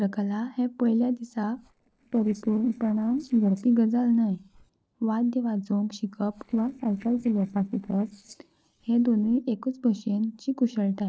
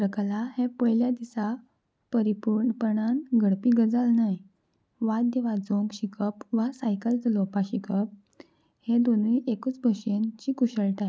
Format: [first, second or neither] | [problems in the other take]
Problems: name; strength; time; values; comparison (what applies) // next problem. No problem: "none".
second | noise reduction (neural separator model SepFormer DNS4)